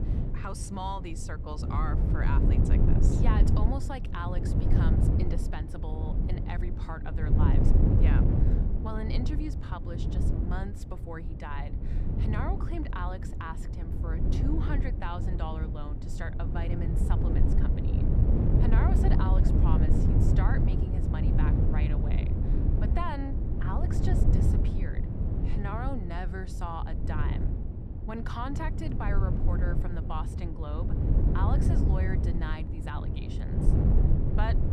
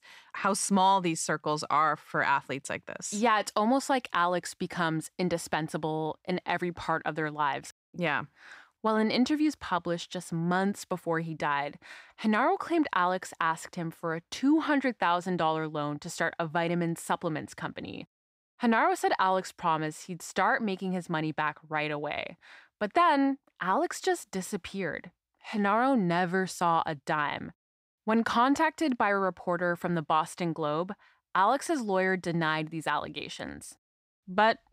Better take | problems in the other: second | wind noise on the microphone; heavy; 1 dB below the speech

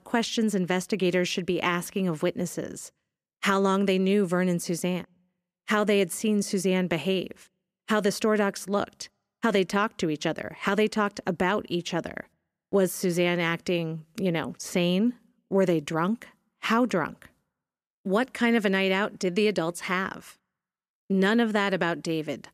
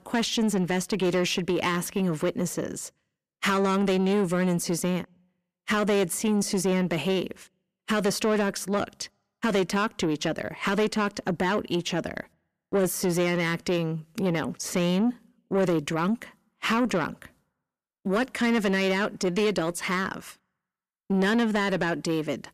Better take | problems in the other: first | distortion; slight; 10 dB below the speech

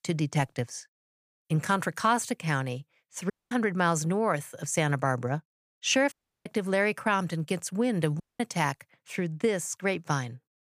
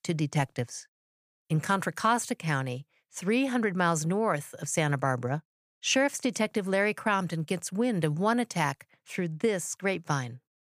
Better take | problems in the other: second | audio cutting out; at 3.5 s, at 6 s and at 8 s

